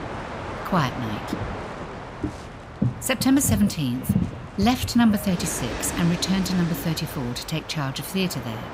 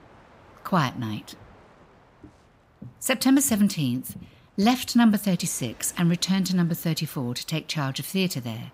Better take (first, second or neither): second